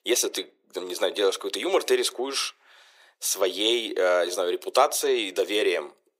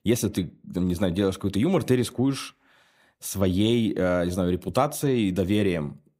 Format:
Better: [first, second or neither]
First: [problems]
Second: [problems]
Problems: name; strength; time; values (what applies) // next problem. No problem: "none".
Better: second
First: thin; very; fading below 400 Hz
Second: none